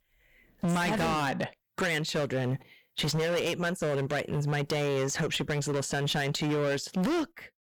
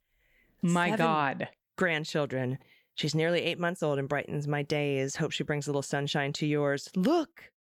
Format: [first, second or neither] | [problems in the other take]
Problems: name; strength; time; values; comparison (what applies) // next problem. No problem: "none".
second | distortion; heavy; 21% of the sound clipped